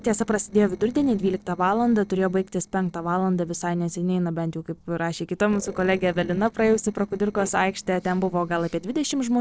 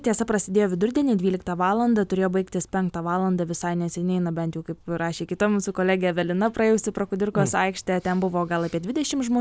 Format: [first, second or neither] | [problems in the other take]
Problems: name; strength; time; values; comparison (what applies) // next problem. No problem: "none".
second | noise reduction (neural separator model SepFormer DNS4)